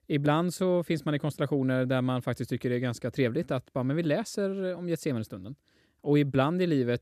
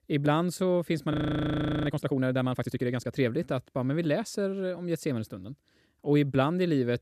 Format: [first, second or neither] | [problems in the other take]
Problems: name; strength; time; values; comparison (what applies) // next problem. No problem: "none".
first | audio freezing; at 1 s for 0.5 s